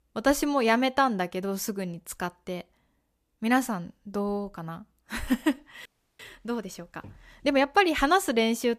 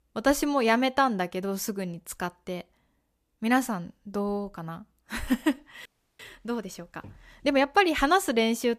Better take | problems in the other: neither | audio freezing; at 6 s; the same in both

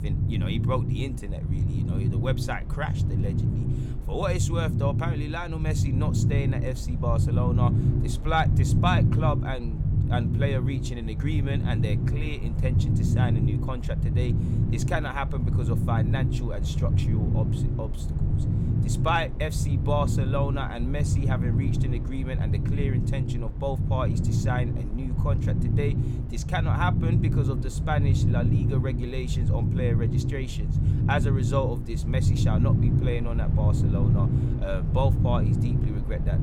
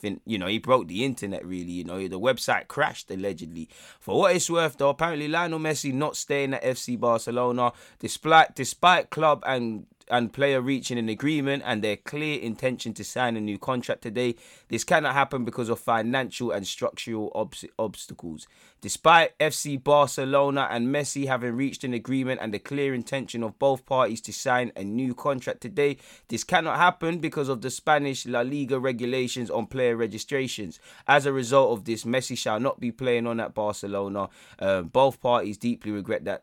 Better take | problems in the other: second | low rumble; loud; throughout; 4 dB below the speech

